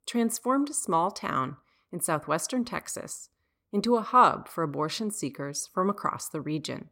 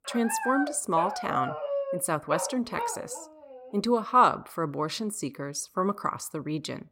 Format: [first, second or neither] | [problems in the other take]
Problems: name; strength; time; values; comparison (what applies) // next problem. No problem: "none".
first | dog barking; noticeable; until 3.5 s; peak 2 dB below the speech